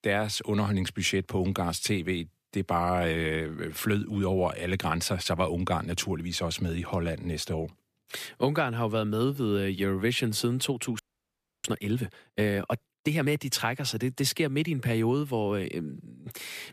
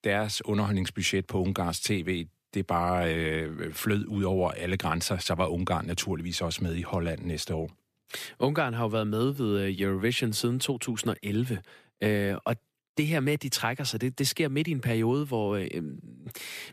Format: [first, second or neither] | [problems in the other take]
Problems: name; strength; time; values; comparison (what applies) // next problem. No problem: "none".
second | audio freezing; at 11 s for 0.5 s